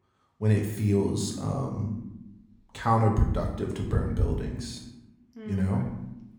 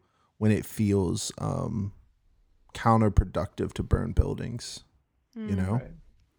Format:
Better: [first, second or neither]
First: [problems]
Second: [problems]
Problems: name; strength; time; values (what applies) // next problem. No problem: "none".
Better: second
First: room echo; slight; dies away in 0.8 s // off-mic speech; somewhat distant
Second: none